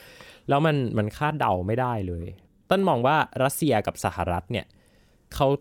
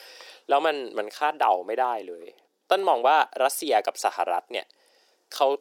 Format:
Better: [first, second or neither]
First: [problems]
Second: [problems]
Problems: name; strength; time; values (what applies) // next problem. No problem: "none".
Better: first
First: none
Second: thin; very; fading below 350 Hz